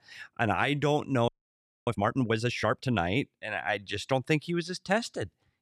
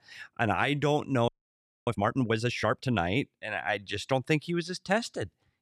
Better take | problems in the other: neither | audio freezing; at 1.5 s for 0.5 s; the same in both

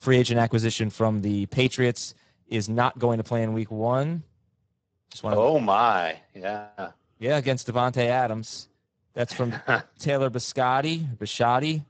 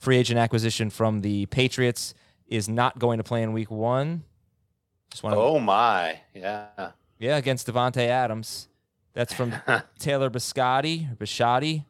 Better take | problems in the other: second | garbled, watery; badly; nothing above 8 kHz

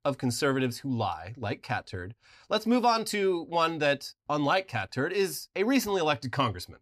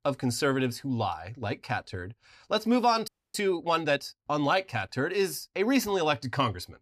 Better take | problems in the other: first | audio freezing; at 3 s

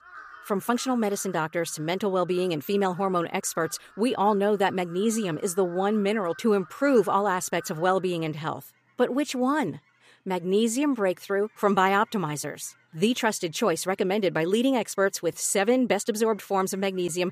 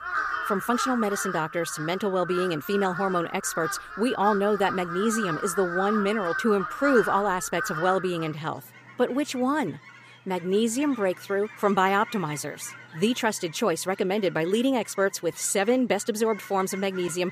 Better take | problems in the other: first | animal sounds; loud; throughout; 7 dB below the speech; faint in the first

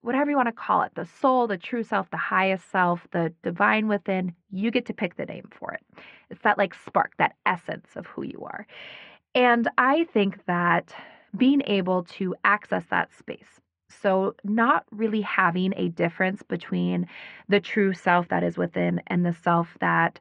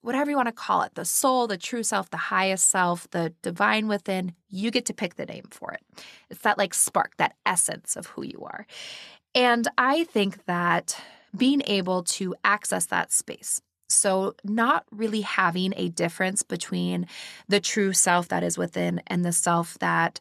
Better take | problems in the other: second | muffled; very; fading above 2.5 kHz

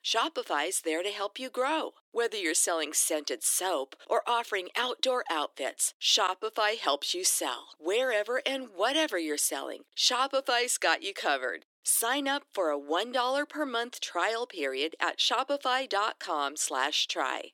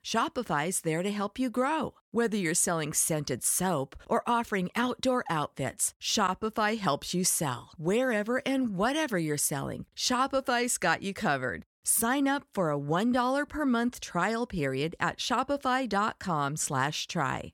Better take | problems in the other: second | thin; somewhat; fading below 300 Hz

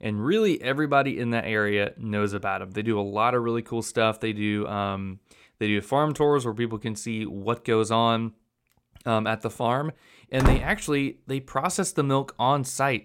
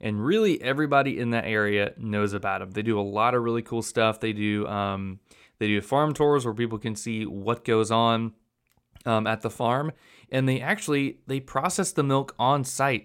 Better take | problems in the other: second | door banging; loud; at 10 s; peak level with the speech

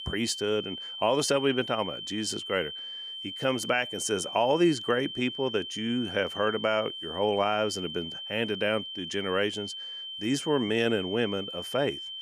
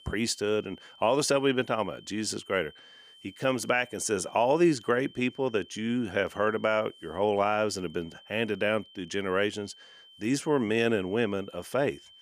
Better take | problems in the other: second | high-pitched whine; loud; throughout; 3 kHz, 7 dB below the speech; faint in the second

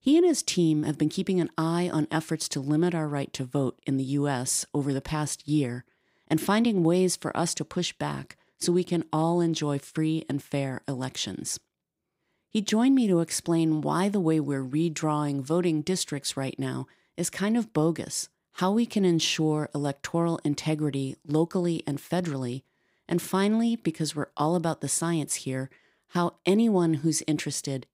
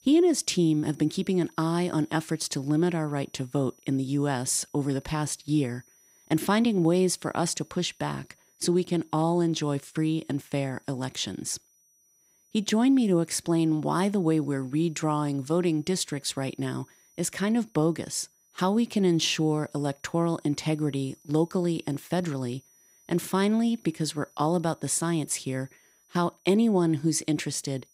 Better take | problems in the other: first | high-pitched whine; faint; throughout; 6 kHz, 30 dB below the speech

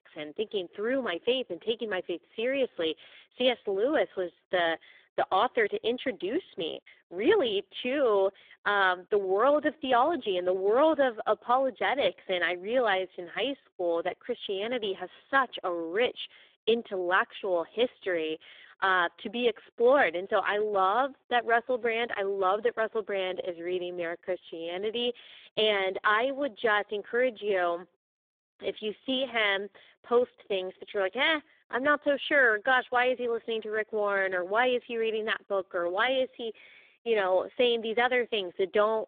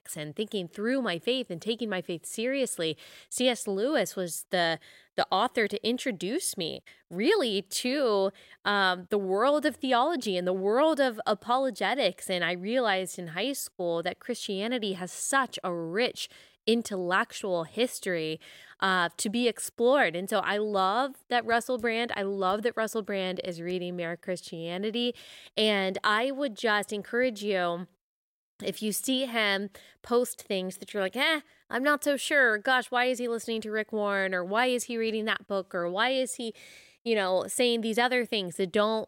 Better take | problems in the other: second | phone-call audio; poor line; nothing above 3.5 kHz

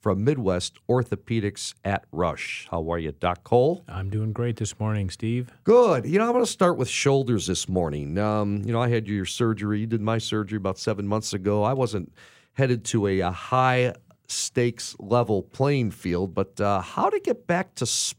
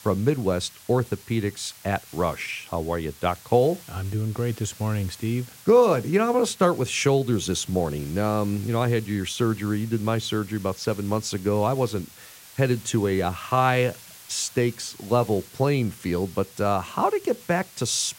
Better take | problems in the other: first | hiss; noticeable; throughout; 20 dB below the speech

